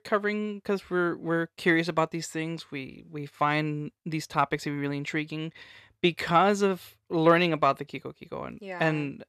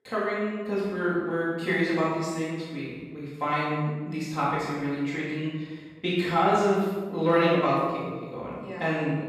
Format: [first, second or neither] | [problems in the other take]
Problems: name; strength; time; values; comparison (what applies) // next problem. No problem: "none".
first | off-mic speech; far // room echo; strong; dies away in 1.2 s